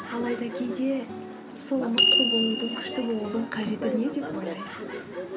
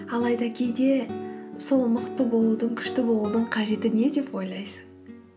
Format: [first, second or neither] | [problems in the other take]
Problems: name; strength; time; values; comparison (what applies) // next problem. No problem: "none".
second | background sound (Door / Bell); as loud as the speech